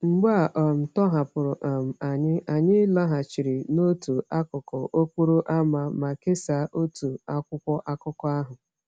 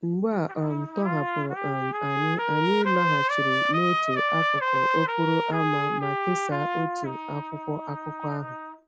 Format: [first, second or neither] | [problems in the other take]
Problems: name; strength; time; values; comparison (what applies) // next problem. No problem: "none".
first | background sound (Trumpet); 2 dB above the speech